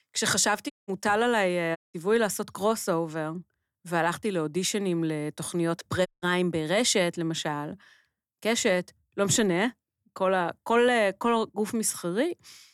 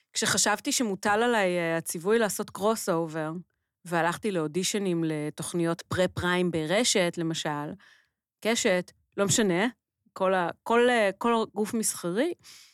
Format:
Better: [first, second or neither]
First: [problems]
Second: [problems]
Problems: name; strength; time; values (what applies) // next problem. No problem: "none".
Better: second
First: audio cutting out; at 0.5 s, at 2 s and at 6 s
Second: none